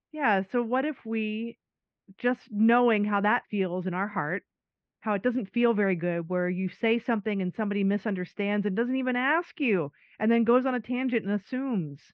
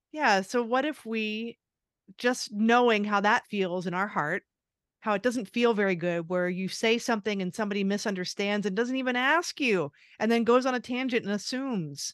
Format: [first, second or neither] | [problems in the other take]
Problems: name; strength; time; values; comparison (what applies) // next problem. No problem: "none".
second | muffled; very; fading above 2.5 kHz